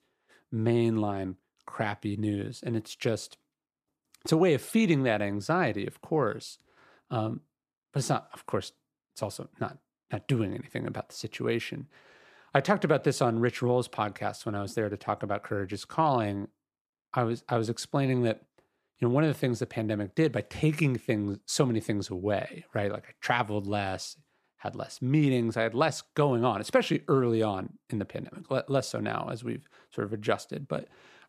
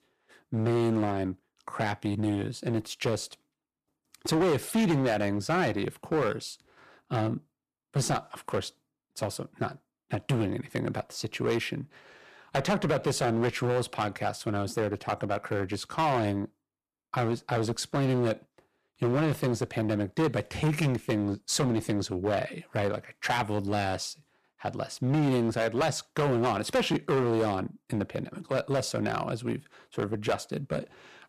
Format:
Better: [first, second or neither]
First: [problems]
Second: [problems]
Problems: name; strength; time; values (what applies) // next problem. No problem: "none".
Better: first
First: none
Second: distortion; heavy; 9% of the sound clipped